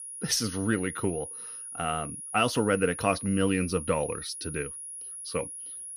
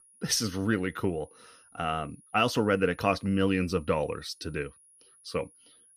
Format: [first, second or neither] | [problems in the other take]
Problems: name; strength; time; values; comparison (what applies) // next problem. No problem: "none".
second | high-pitched whine; loud; throughout; 10.5 kHz, 8 dB below the speech; faint in the second